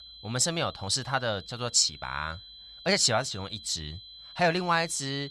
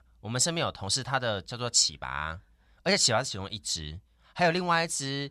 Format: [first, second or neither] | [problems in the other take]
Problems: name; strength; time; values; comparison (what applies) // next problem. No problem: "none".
second | high-pitched whine; noticeable; throughout; 4 kHz, 15 dB below the speech